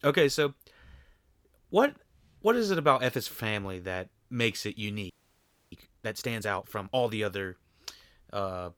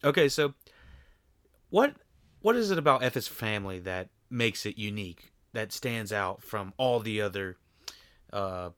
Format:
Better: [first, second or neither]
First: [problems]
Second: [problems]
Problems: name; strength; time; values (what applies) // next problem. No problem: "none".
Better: second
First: audio freezing; at 5 s for 0.5 s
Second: none